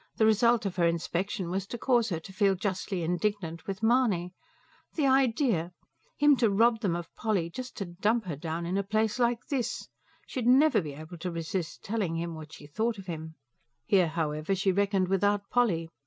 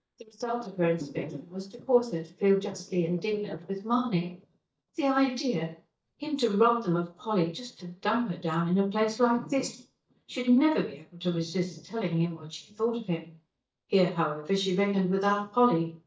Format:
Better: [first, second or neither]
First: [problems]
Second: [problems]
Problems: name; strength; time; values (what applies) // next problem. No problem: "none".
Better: first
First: none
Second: noise reduction (neural mask model DeepFilterNet 3)